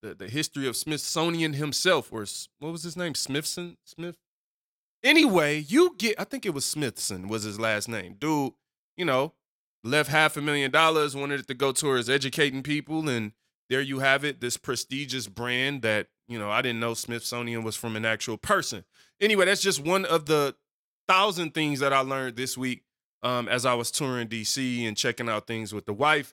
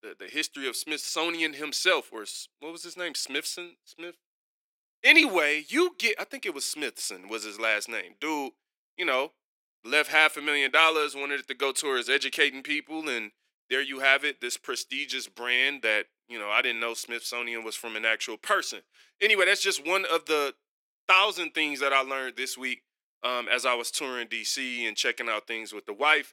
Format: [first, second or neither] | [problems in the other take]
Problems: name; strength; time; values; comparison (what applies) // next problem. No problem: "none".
first | thin; somewhat; fading below 300 Hz